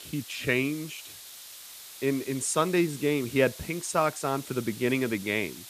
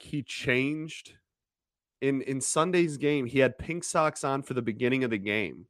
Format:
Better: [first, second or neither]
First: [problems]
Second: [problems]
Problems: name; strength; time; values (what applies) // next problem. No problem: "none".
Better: second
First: hiss; noticeable; throughout; 15 dB below the speech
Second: none